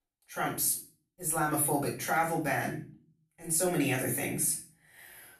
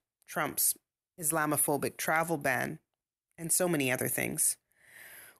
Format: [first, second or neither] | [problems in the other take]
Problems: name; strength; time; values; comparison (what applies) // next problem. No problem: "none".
second | room echo; slight; dies away in 0.4 s // off-mic speech; far